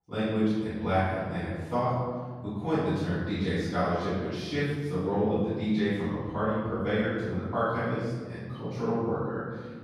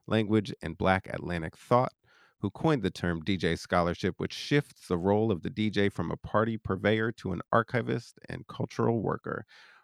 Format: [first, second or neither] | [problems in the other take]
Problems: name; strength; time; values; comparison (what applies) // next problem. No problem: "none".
second | off-mic speech; far // room echo; strong; dies away in 1.6 s